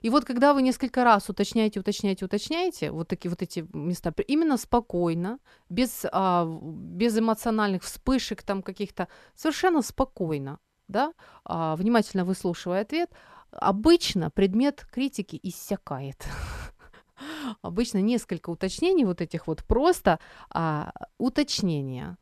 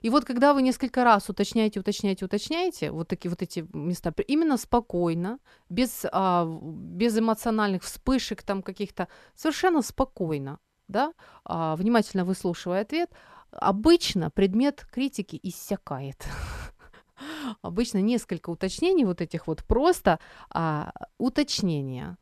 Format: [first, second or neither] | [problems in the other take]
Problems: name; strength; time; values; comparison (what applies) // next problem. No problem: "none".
neither | none